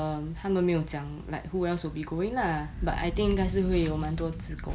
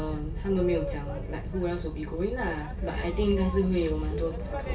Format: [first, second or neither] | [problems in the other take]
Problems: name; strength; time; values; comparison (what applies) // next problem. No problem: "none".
first | background sound (Boat, Water vehicle); 7 dB below the speech // room echo; dies away in 0.2 s